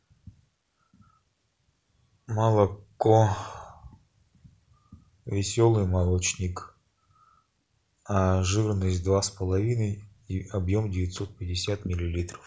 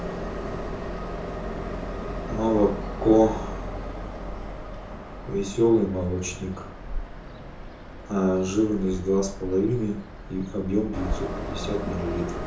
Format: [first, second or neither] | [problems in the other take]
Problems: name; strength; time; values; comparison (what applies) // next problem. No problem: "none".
first | background sound (Train); 6 dB below the speech // room echo; dies away in 0.5 s